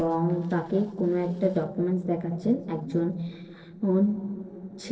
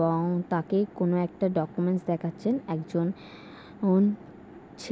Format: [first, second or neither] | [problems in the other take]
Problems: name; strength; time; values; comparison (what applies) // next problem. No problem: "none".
second | noise reduction (neural separator model SepFormer DNS4)